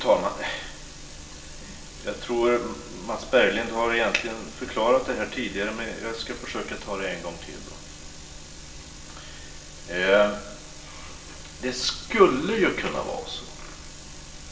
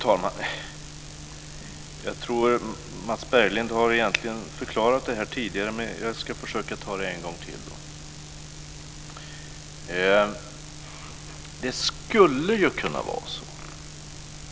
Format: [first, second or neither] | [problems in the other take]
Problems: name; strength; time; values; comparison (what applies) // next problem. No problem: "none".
second | room echo; dies away in 0.7 s